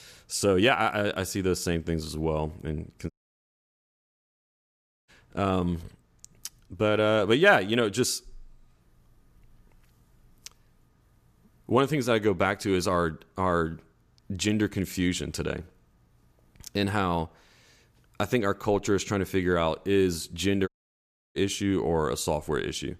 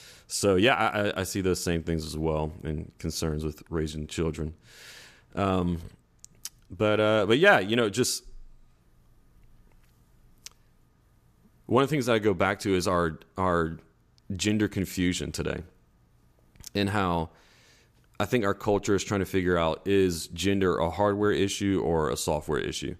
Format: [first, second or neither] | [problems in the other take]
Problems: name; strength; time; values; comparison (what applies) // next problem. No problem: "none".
second | audio cutting out; at 3 s for 2 s and at 21 s for 0.5 s